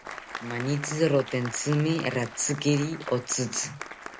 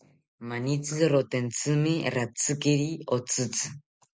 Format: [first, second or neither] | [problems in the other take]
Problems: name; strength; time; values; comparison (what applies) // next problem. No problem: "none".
second | background sound (Applause); 12 dB below the speech